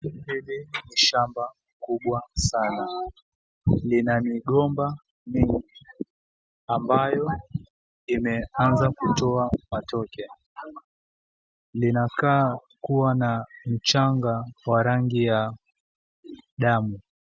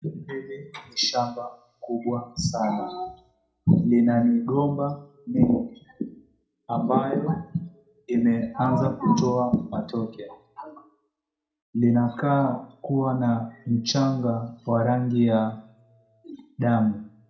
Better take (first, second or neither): first